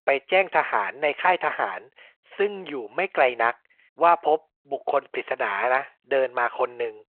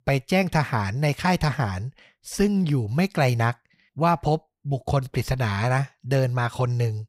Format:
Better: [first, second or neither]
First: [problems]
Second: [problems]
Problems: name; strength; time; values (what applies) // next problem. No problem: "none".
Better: second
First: phone-call audio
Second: none